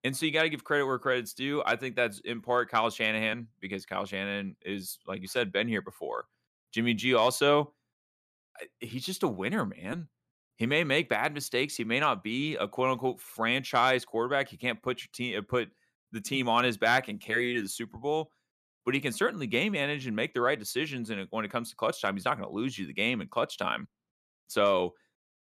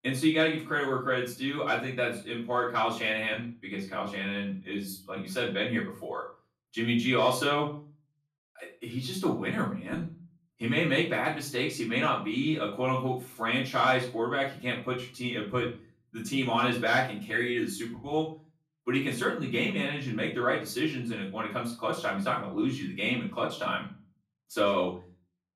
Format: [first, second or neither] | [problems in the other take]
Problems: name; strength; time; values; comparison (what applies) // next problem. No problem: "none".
first | off-mic speech; far // room echo; slight; dies away in 0.4 s